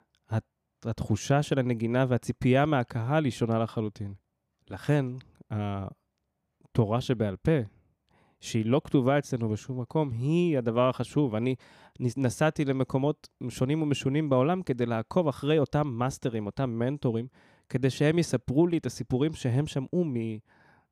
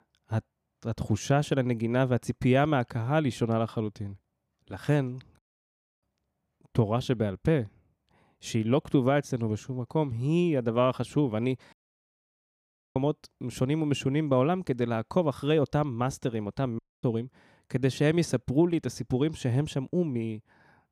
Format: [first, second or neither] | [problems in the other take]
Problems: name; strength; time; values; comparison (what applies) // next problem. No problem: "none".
first | audio cutting out; at 5.5 s for 0.5 s, at 12 s for 1 s and at 17 s